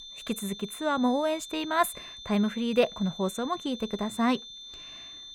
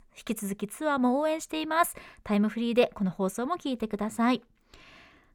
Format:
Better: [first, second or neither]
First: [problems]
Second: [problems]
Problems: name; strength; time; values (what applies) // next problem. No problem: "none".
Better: second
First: high-pitched whine; noticeable; throughout; 3.5 kHz, 15 dB below the speech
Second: none